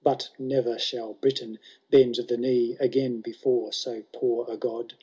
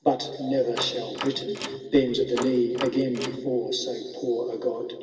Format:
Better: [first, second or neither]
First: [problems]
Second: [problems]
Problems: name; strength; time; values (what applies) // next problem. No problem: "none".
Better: first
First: none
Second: background sound (Door); 12 dB below the speech // room echo; dies away in 2.4 s